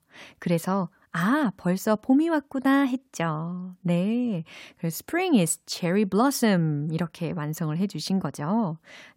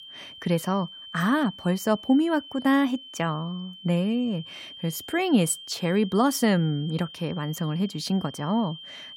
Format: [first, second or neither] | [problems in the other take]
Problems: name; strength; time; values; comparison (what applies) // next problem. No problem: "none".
first | high-pitched whine; noticeable; throughout; 3 kHz, 15 dB below the speech